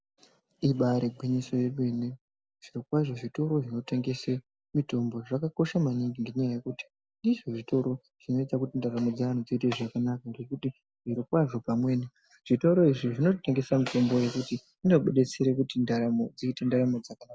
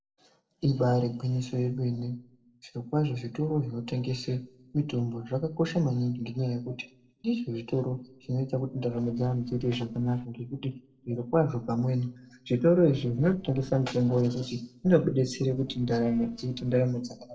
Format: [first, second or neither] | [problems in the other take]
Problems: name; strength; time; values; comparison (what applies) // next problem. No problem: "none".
first | noise reduction (neural separator model SepFormer DNS4)